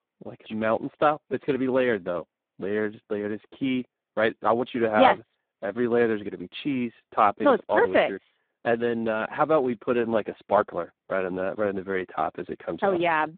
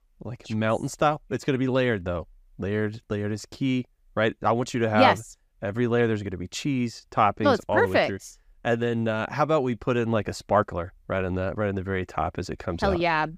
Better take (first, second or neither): second